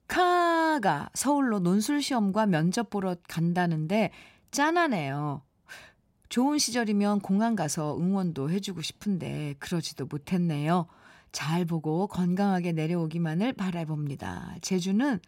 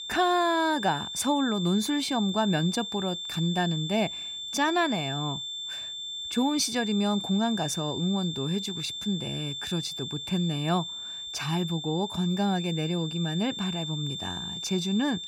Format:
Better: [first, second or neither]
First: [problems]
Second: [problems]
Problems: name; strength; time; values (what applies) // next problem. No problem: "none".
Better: first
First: none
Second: high-pitched whine; loud; throughout; 3.5 kHz, 5 dB below the speech